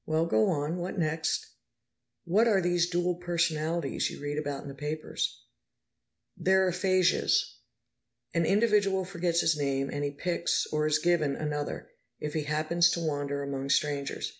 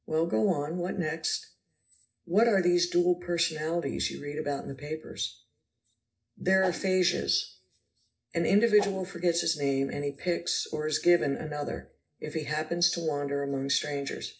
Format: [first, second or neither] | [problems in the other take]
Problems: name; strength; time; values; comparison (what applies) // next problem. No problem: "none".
first | noise reduction (neural separator model SepFormer DNS4)